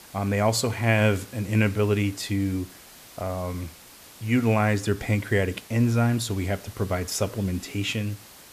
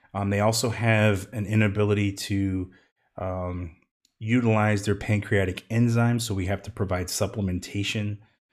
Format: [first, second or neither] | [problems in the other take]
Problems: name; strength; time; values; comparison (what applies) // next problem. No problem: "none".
second | hiss; noticeable; throughout; 20 dB below the speech